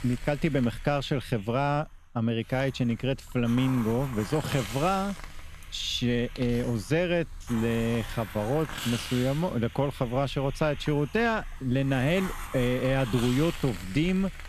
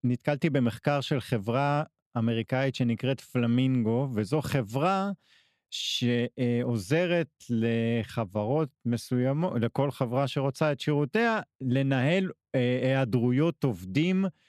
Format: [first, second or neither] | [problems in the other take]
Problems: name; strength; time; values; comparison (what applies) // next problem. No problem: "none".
second | hiss; noticeable; throughout; 15 dB below the speech